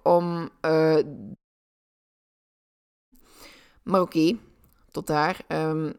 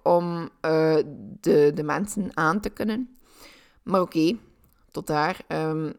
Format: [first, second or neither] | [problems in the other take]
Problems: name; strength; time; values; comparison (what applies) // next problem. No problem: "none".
second | audio cutting out; at 1.5 s for 2 s